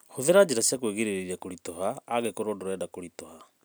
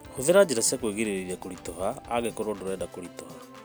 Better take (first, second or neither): first